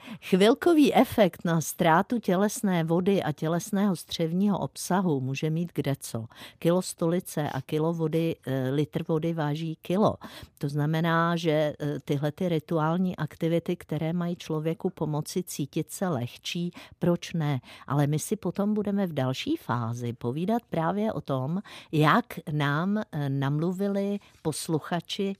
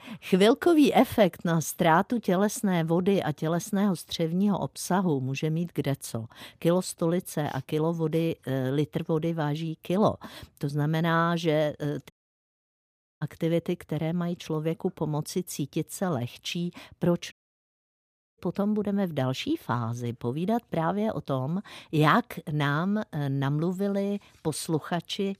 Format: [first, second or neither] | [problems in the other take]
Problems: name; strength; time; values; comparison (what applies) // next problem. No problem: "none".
first | audio cutting out; at 12 s for 1 s and at 17 s for 1 s